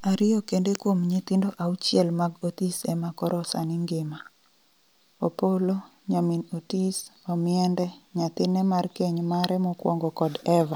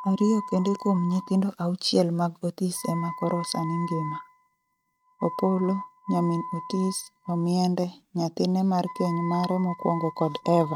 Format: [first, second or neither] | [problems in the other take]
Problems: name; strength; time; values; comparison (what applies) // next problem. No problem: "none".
first | noise reduction (neural mask model RNNoise)